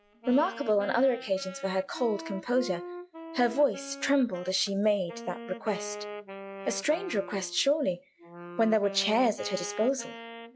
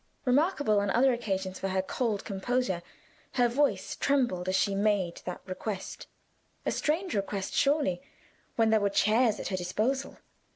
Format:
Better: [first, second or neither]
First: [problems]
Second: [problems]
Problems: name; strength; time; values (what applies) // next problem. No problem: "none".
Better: second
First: noise reduction (classical method log-MMSE)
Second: none